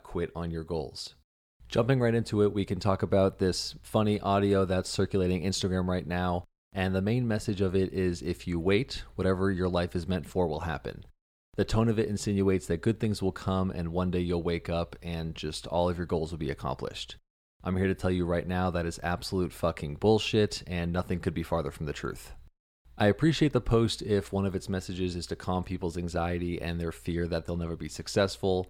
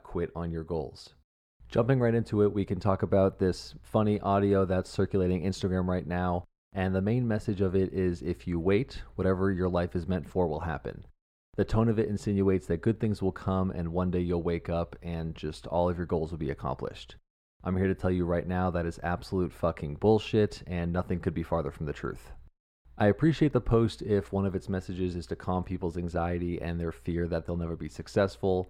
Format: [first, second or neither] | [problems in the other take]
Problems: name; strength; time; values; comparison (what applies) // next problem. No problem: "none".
first | muffled; slightly; fading above 2.5 kHz